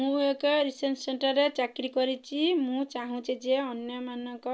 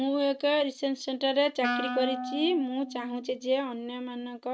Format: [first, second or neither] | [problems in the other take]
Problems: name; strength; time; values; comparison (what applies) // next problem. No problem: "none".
first | noise reduction (neural mask model RNNoise)